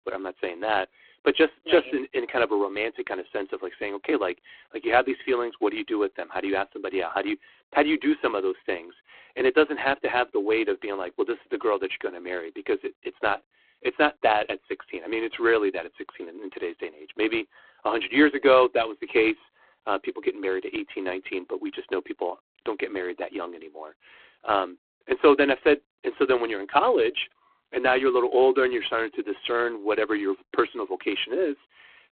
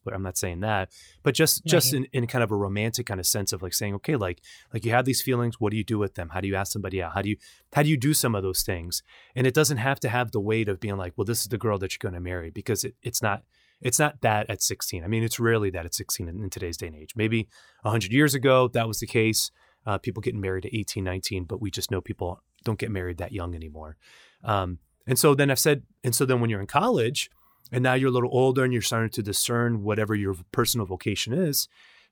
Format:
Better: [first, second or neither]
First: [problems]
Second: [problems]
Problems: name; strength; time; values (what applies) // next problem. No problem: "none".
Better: second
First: phone-call audio; poor line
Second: none